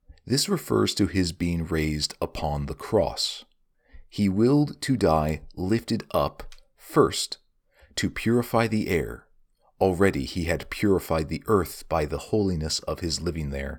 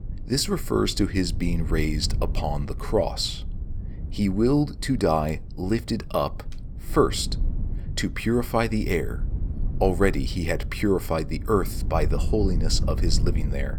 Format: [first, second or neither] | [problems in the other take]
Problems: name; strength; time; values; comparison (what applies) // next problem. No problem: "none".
first | low rumble; noticeable; throughout; 20 dB below the speech